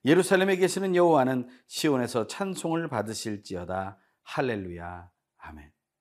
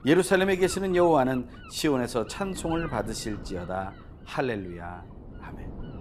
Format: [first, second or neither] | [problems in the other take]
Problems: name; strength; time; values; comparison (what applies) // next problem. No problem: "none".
first | wind noise on the microphone; occasional gusts; 20 dB below the speech